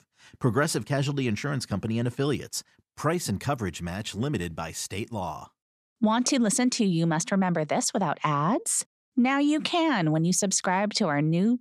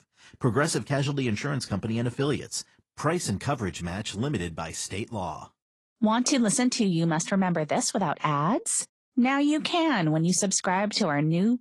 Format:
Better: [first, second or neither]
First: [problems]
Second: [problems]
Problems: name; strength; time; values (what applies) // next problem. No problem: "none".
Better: first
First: none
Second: garbled, watery; slightly